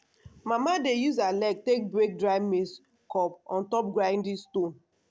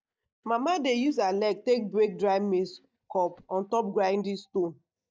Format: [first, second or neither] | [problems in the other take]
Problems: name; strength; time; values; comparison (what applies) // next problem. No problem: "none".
first | noise reduction (neural mask model DeepFilterNet 3)